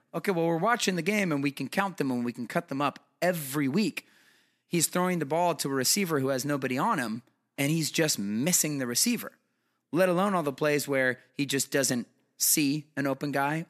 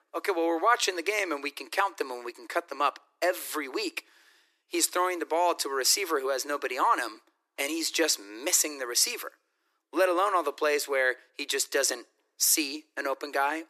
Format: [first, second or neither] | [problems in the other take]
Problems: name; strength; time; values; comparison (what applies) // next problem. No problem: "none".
first | thin; very; fading below 300 Hz